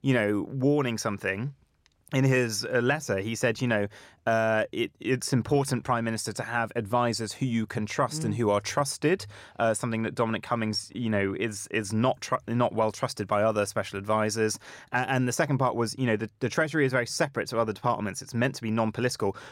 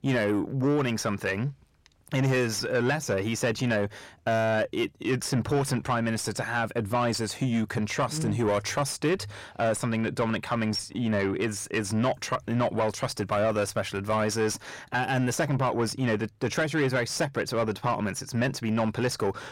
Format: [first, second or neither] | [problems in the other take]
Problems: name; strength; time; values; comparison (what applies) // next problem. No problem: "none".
first | distortion; slight; 10 dB below the speech